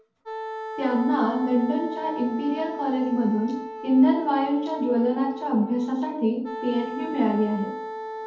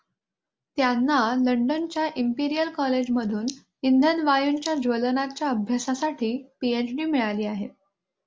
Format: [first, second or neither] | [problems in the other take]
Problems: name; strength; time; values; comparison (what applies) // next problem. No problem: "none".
second | background sound (Wind instrument, woodwind instrument); 10 dB below the speech // room echo; dies away in 2.1 s